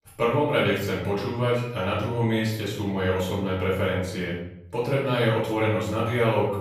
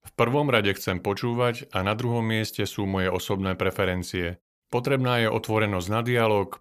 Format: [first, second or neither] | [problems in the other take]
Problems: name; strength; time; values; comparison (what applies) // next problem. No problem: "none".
second | off-mic speech; far // room echo; noticeable; dies away in 0.7 s